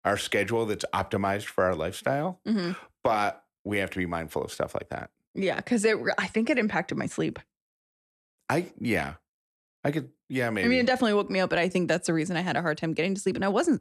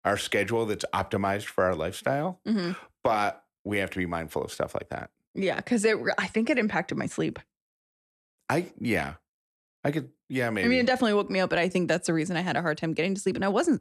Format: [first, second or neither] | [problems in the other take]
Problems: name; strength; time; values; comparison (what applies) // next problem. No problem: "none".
neither | none